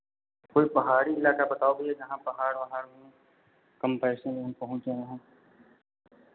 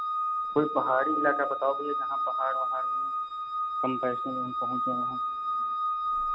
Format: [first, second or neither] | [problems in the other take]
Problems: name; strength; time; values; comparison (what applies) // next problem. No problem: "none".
first | background sound (Organ); 2 dB above the speech